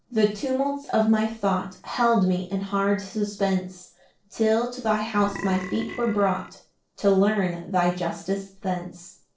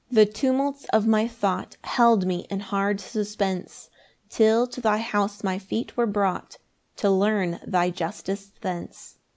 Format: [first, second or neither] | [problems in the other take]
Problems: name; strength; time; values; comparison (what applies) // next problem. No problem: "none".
second | noise reduction (neural separator model SepFormer DNS4)